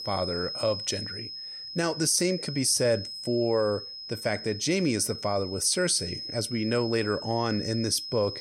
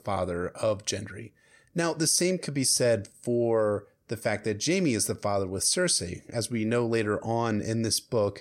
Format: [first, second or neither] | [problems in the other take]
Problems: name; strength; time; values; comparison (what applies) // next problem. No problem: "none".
second | high-pitched whine; loud; throughout; 5 kHz, 8 dB below the speech